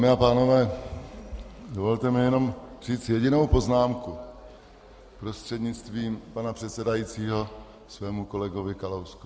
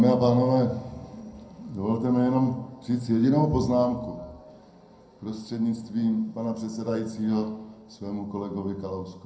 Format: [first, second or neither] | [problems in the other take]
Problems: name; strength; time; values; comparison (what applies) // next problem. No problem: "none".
first | room echo; dies away in 0.6 s